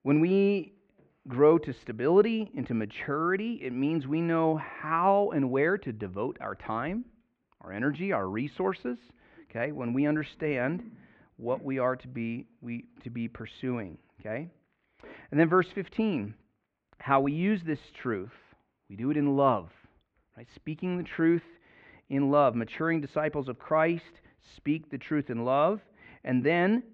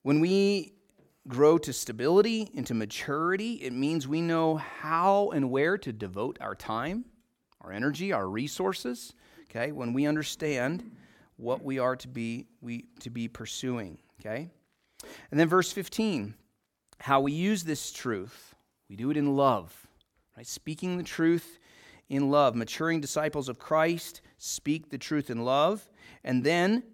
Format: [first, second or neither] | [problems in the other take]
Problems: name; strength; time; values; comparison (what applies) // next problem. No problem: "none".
second | muffled; very; fading above 2.5 kHz